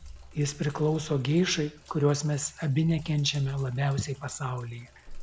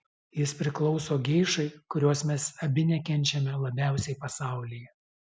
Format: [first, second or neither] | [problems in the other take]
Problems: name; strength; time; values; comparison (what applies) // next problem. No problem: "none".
second | background sound (Sink (filling or washing)); 19 dB below the speech